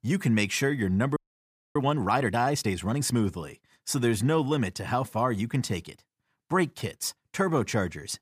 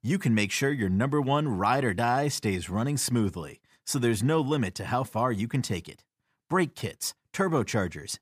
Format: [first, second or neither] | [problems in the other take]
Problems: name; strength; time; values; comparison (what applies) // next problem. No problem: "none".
second | audio freezing; at 1 s for 0.5 s